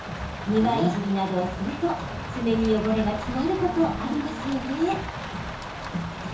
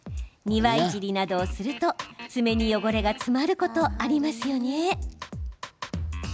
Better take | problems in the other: second | background sound (Rain); 8 dB below the speech // room echo; dies away in 0.7 s

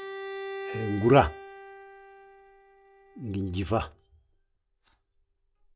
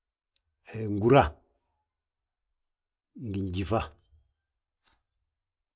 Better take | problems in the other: second | background sound (Bowed string instrument); 12 dB below the speech

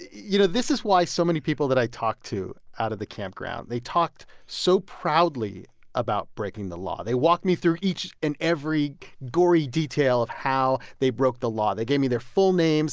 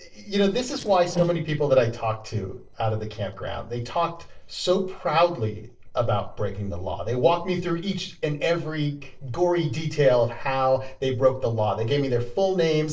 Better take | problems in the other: first | noise reduction (neural separator model SepFormer DNS4)

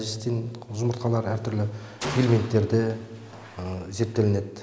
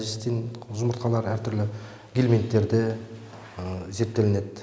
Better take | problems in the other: second | background sound (Gunshot, gunfire); 13 dB below the speech

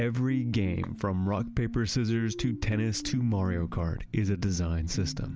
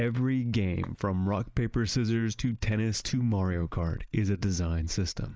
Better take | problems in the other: first | noise reduction (neural mask model Resemble Enhance denoiser)

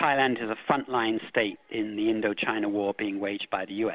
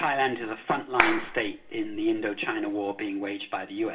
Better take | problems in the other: first | background sound (Clapping); as loud as the speech // room echo; dies away in 0.4 s

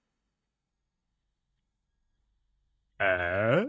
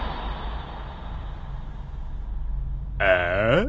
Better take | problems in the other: second | noise reduction (neural mask model DeepFilterNet 3)

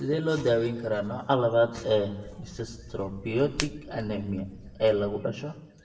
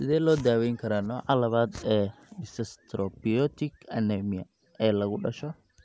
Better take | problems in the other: second | background sound (Hands); 14 dB below the speech // room echo; dies away in 0.7 s

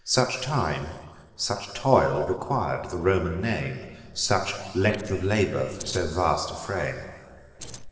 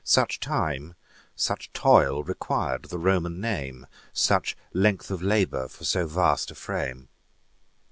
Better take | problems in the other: second | noise reduction (neural separator model SepFormer DNS4)

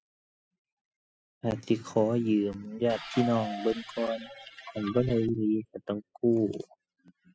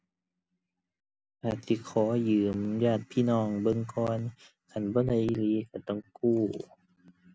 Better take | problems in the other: second | noise reduction (classical method spectral subtraction)

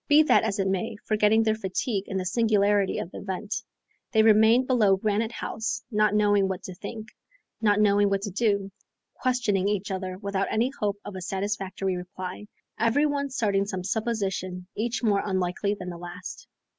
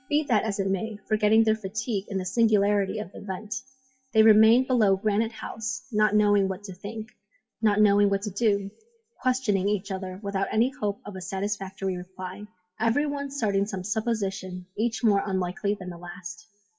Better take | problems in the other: first | noise reduction (classical method WPE with log-MMSE)

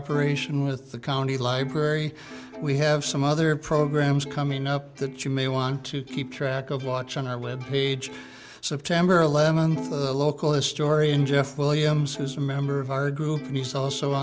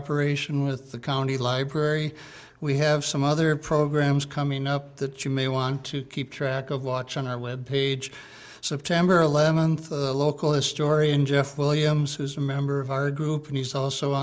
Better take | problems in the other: second | background sound (Plucked string instrument); 16 dB below the speech

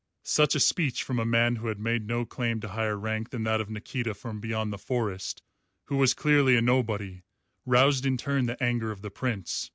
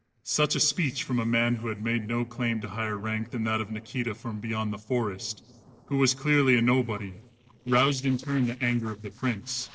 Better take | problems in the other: first | noise reduction (neural separator model SepFormer DNS4)

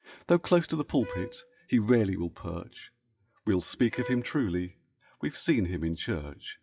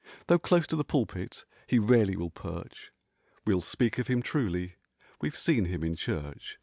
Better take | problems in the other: second | noise reduction (classical method WPE with log-MMSE)

